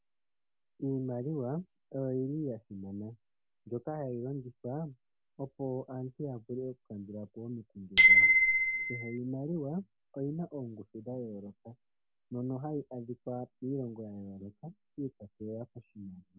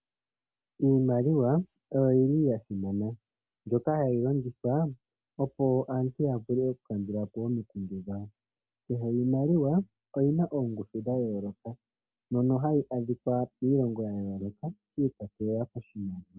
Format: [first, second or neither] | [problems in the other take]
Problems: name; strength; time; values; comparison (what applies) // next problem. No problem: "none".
second | background sound (Bicycle bell); 4 dB above the speech